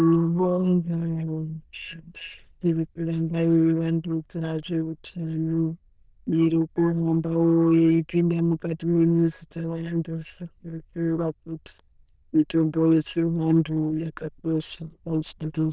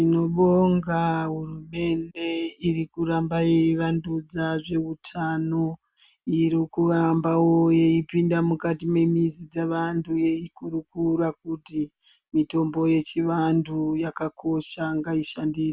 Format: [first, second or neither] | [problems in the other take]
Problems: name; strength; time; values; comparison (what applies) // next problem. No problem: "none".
second | noise reduction (neural diffusion model UNIVERSE++)